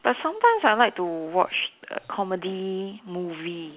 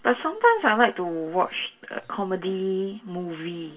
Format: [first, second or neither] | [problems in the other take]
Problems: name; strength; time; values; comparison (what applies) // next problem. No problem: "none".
first | room echo; dies away in 0.1 s